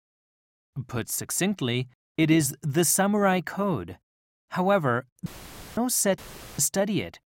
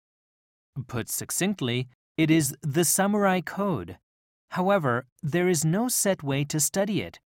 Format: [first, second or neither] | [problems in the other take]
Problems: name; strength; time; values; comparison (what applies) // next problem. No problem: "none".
second | audio cutting out; filled with static; at 5.5 s for 0.5 s and at 6 s